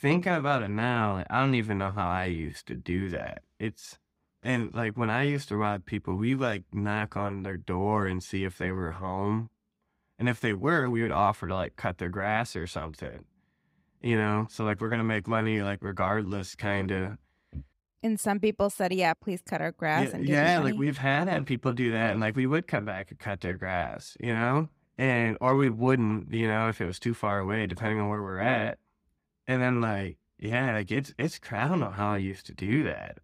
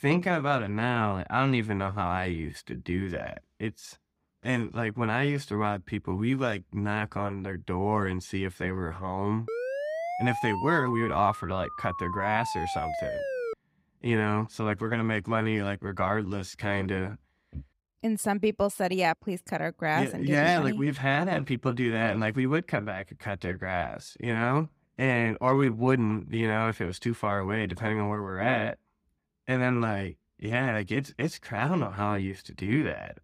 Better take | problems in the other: first | siren; noticeable; from 9.5 to 14 s; peak 4 dB below the speech

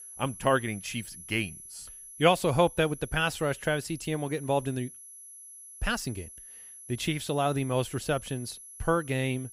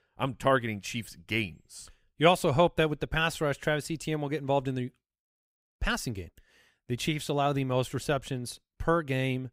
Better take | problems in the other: second | high-pitched whine; noticeable; throughout; 11 kHz, 15 dB below the speech

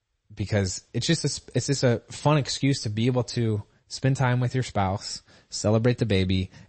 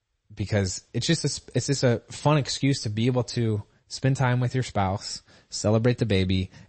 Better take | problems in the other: neither | garbled, watery; slightly; nothing above 8 kHz; the same in both

